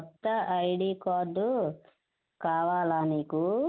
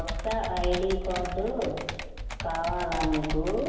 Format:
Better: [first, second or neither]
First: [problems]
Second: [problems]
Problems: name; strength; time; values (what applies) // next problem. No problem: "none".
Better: first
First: none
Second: background sound (Computer keyboard); 3 dB below the speech // room echo; dies away in 1 s